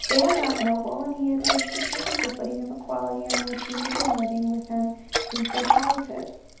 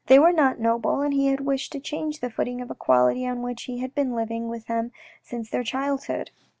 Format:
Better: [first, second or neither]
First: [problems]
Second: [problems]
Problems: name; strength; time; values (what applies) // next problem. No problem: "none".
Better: second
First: background sound (Liquid); as loud as the speech // room echo; dies away in 2.2 s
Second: none